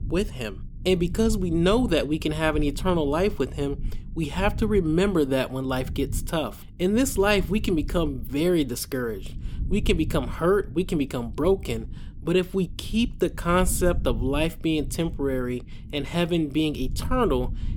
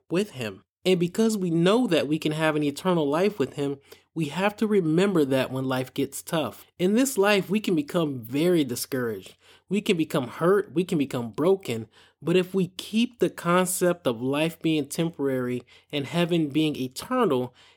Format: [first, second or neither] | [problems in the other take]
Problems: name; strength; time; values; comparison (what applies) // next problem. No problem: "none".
second | low rumble; faint; throughout; 20 dB below the speech